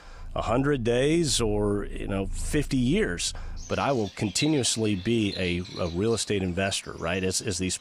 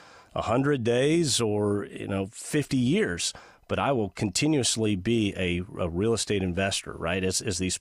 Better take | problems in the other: second | animal sounds; noticeable; throughout; 15 dB below the speech

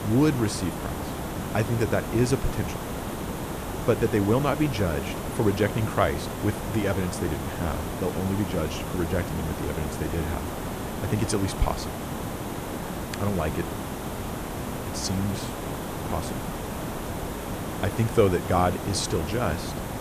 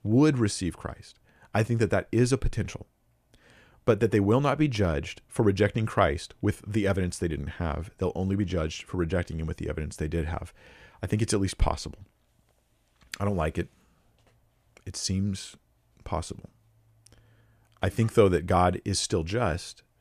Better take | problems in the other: second | hiss; loud; throughout; 5 dB below the speech

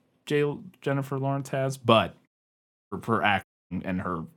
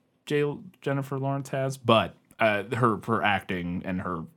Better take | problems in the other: second | audio cutting out; at 2.5 s for 0.5 s and at 3.5 s

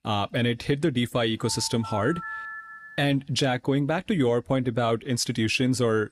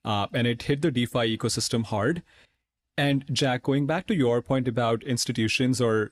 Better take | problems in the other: second | phone ringing; noticeable; from 1.5 to 3 s; peak 9 dB below the speech

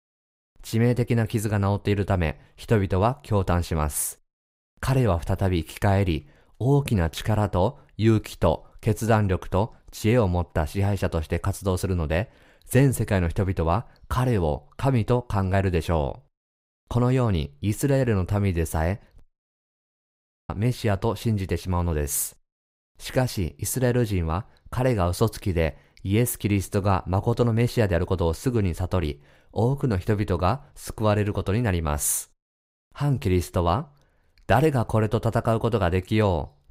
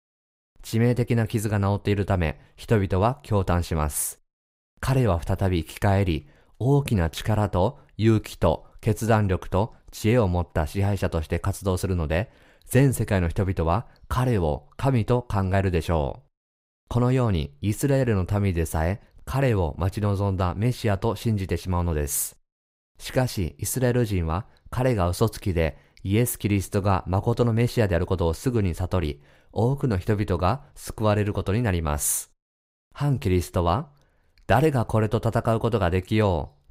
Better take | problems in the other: second | audio cutting out; at 19 s for 1.5 s

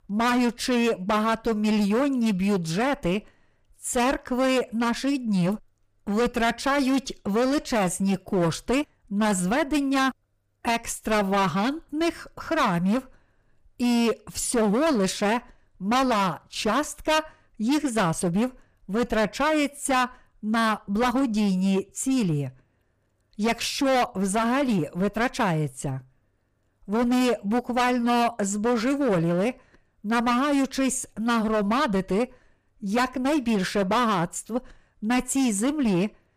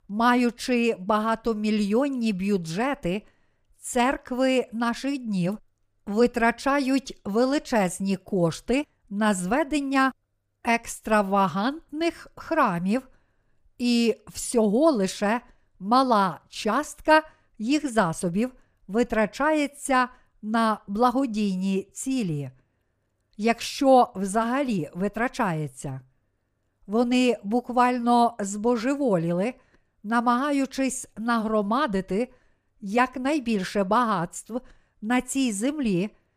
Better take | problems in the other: second | distortion; heavy; 16% of the sound clipped

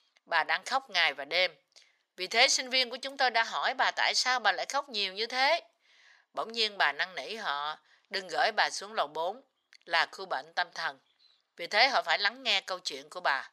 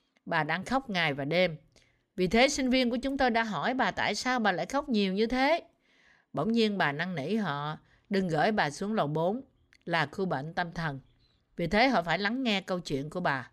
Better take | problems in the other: second | thin; very; fading below 850 Hz

